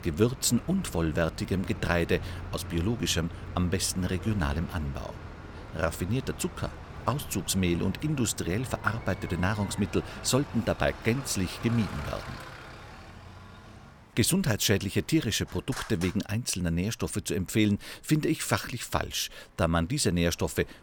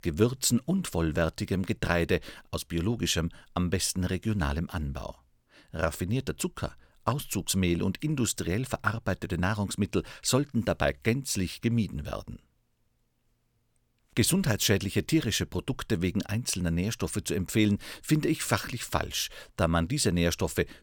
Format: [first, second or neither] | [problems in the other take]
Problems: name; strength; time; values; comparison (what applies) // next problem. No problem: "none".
second | traffic noise; noticeable; throughout; 15 dB below the speech